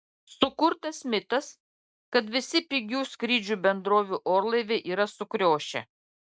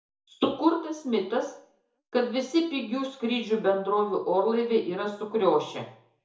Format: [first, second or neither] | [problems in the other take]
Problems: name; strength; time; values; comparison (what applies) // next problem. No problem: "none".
first | room echo; dies away in 0.6 s